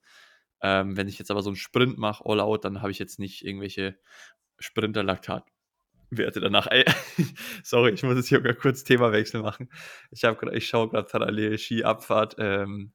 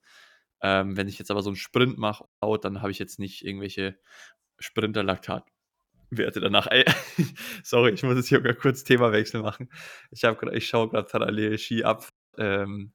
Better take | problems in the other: first | audio cutting out; at 2.5 s and at 12 s

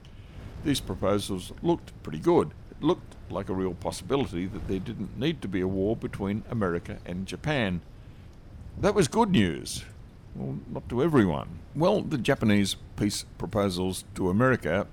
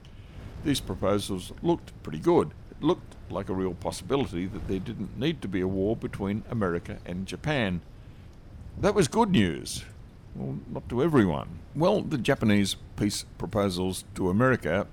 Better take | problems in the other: neither | wind noise on the microphone; occasional gusts; 25 dB below the speech; the same in both

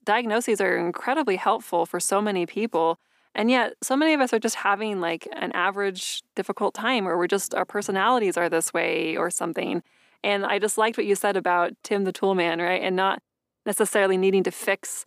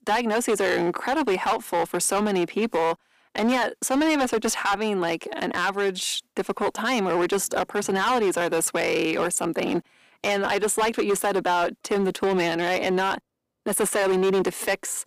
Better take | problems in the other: first | distortion; heavy; 13% of the sound clipped

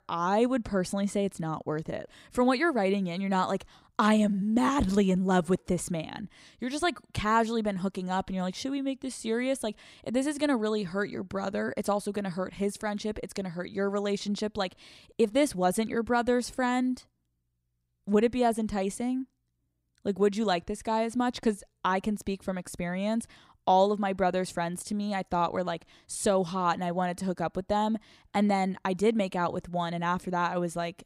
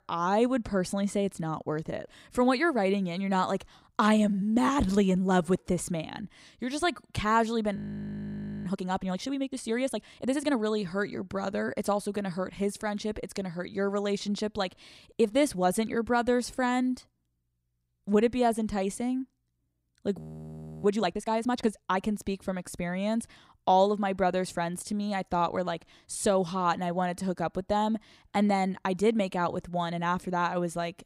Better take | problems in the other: first | audio freezing; at 8 s for 1 s and at 20 s for 0.5 s

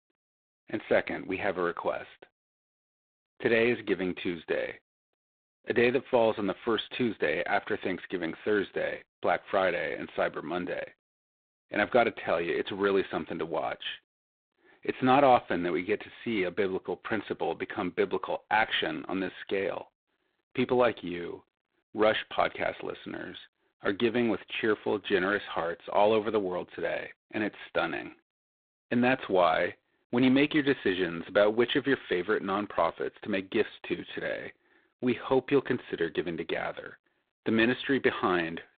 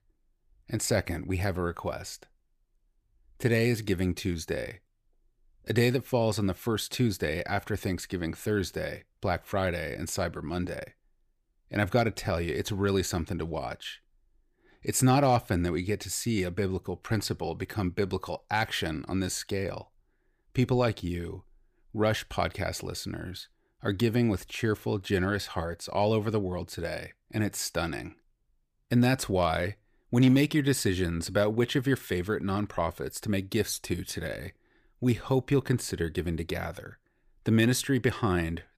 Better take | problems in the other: second | phone-call audio; poor line; nothing above 4 kHz

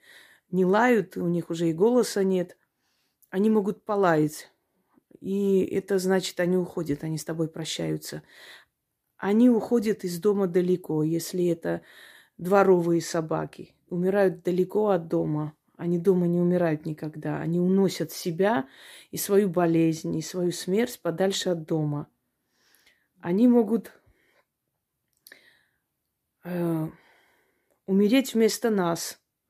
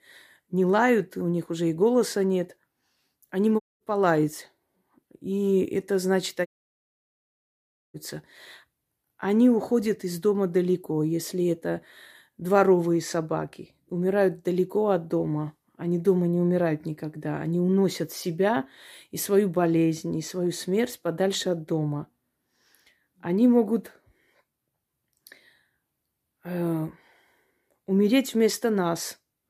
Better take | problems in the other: first | audio cutting out; at 3.5 s and at 6.5 s for 1.5 s

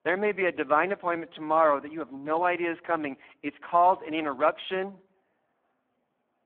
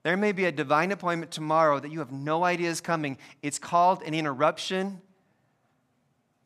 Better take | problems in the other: second | phone-call audio; poor line

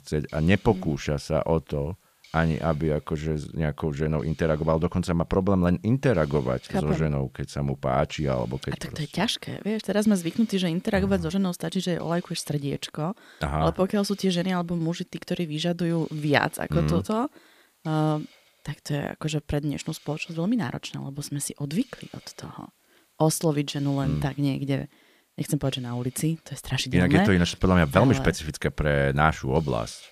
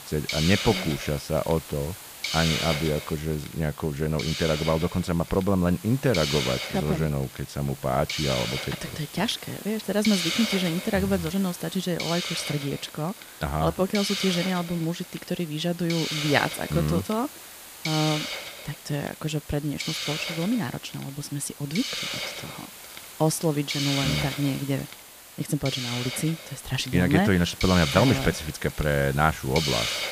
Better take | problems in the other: first | hiss; loud; throughout; 5 dB below the speech; faint in the first

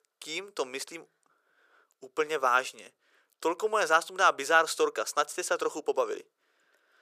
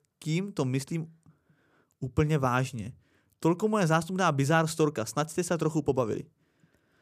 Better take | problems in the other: second | thin; very; fading below 450 Hz

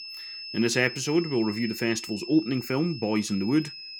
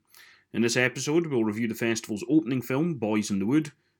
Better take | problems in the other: second | high-pitched whine; noticeable; throughout; 5 kHz, 10 dB below the speech

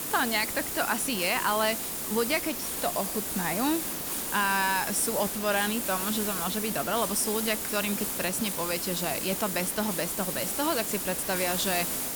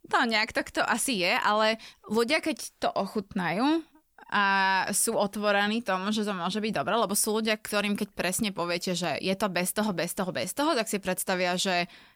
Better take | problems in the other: second | hiss; loud; throughout; 1 dB below the speech

